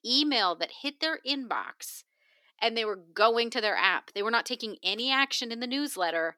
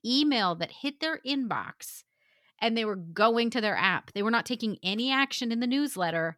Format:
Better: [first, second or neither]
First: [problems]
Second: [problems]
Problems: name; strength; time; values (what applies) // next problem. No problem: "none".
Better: second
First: thin; very slightly; fading below 300 Hz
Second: none